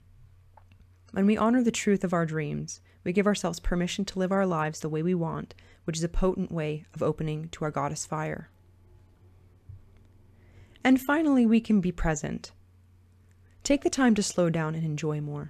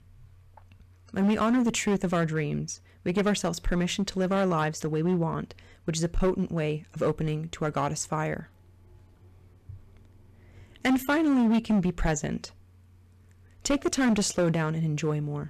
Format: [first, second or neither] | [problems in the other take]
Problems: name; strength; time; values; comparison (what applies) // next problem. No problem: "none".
first | distortion; slight; 7% of the sound clipped